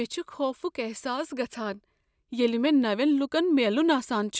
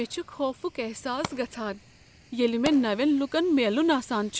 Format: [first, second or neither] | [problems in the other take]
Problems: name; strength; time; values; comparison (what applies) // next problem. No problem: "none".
first | background sound (Fire); 17 dB below the speech